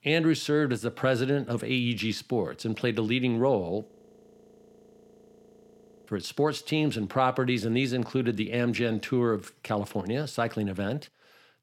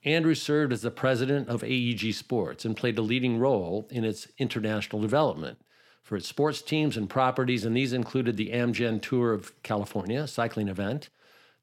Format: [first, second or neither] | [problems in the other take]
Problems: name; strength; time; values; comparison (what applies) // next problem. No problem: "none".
second | audio freezing; at 4 s for 2 s